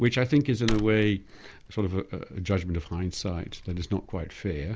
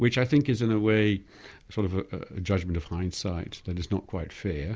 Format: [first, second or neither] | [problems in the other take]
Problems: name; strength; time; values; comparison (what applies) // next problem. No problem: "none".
second | background sound (Tearing / Wood); 12 dB below the speech